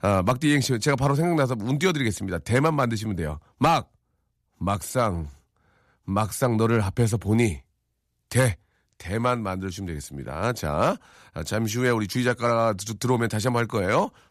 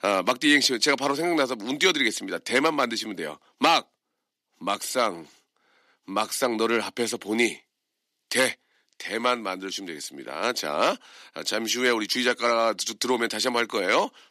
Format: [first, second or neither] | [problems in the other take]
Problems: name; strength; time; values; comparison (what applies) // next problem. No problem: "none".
first | thin; somewhat; fading below 300 Hz